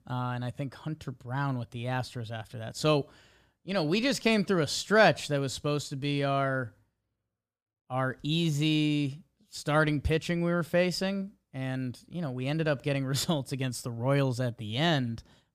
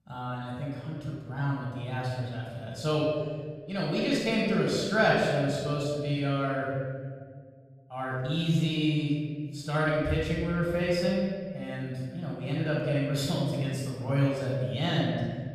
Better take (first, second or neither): first